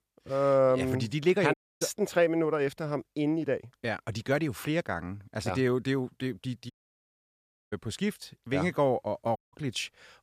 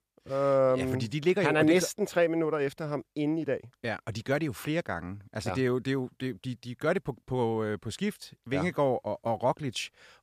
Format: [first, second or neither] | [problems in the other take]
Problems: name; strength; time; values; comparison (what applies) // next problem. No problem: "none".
second | audio cutting out; at 1.5 s, at 6.5 s for 1 s and at 9.5 s